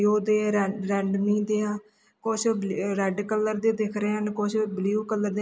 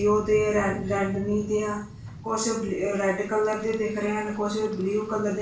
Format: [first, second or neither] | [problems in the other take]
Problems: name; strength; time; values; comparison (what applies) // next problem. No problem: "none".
first | background sound (Rain); 15 dB below the speech // room echo; dies away in 0.3 s